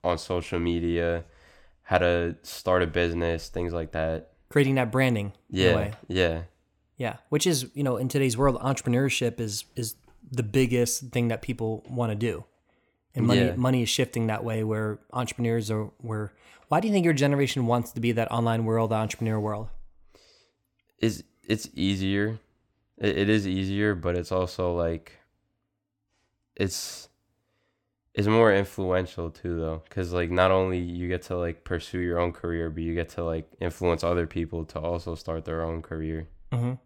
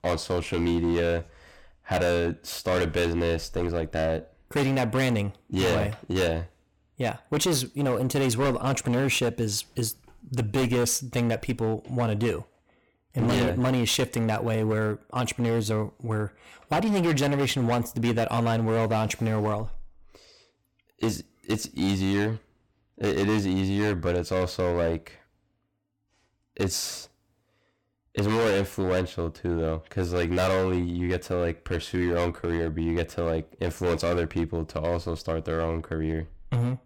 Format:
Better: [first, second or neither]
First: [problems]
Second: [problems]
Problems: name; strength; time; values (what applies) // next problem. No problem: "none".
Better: first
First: none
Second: distortion; heavy; 13% of the sound clipped